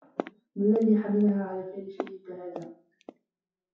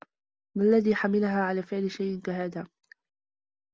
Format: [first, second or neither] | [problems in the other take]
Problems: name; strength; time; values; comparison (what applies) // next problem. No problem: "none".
second | noise reduction (classical method WPE with log-MMSE)